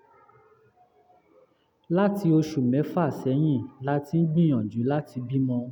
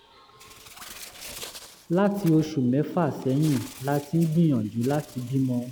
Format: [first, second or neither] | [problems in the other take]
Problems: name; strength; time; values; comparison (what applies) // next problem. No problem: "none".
first | background sound (Bird); 19 dB below the speech